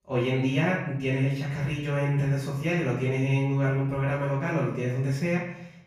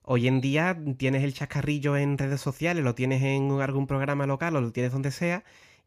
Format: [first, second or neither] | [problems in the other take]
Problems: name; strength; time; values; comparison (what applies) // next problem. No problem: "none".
second | off-mic speech; far // room echo; noticeable; dies away in 0.7 s